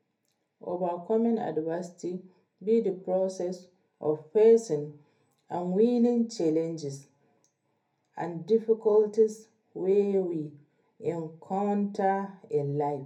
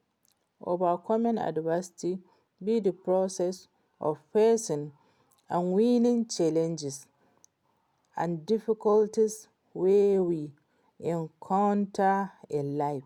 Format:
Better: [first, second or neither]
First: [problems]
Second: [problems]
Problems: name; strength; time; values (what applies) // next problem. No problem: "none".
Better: second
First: room echo; dies away in 0.3 s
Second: none